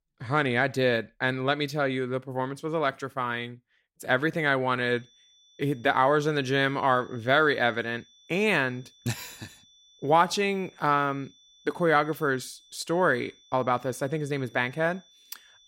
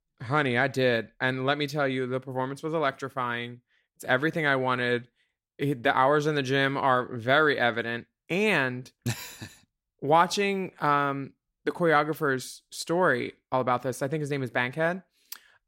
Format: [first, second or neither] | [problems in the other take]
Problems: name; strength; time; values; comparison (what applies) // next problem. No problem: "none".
second | high-pitched whine; faint; from 5 s on; 3.5 kHz, 30 dB below the speech